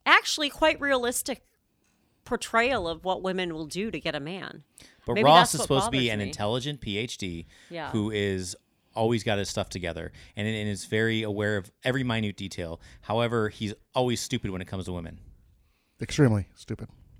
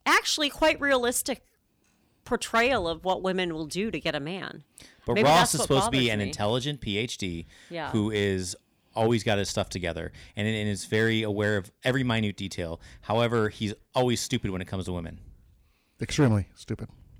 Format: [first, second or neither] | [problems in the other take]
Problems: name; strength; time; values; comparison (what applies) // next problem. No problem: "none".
first | distortion; slight; 1.4% of the sound clipped